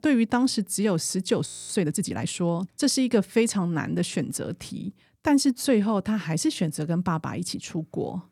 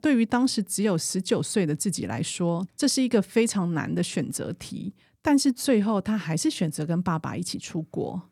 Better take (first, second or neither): second